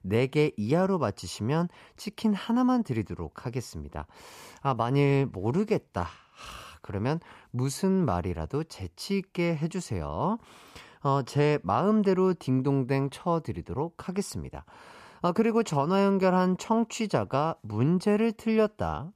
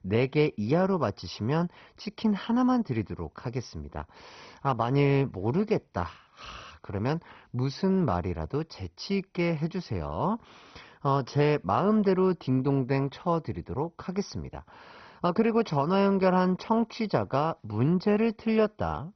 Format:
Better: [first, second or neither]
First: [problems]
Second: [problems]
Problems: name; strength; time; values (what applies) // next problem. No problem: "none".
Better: first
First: none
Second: garbled, watery; badly; nothing above 6 kHz